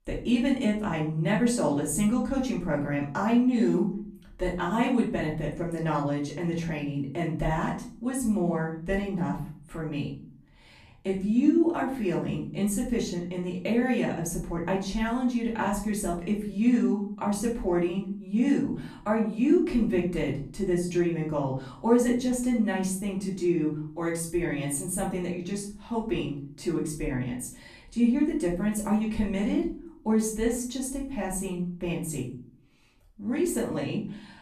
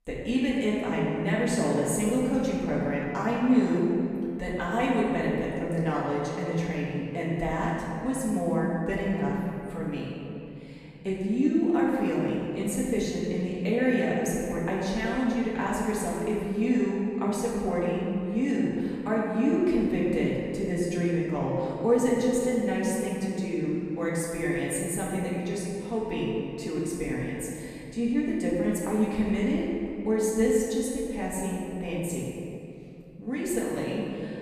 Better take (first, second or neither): first